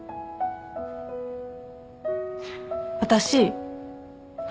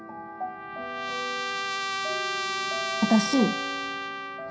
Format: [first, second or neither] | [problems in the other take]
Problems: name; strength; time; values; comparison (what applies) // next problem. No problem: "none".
first | background sound (Trumpet); 1 dB below the speech // room echo; dies away in 0.3 s